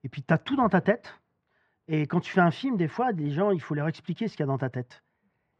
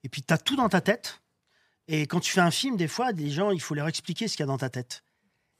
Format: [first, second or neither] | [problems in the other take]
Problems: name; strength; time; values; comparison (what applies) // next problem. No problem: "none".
second | muffled; very; fading above 1.5 kHz